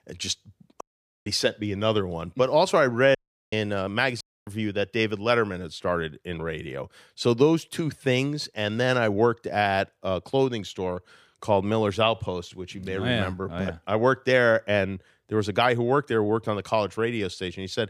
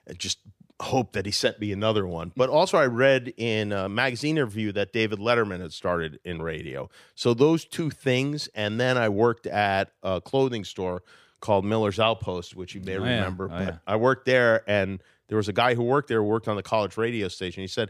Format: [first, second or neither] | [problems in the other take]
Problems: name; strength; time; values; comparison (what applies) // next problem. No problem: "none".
second | audio cutting out; at 1 s, at 3 s and at 4 s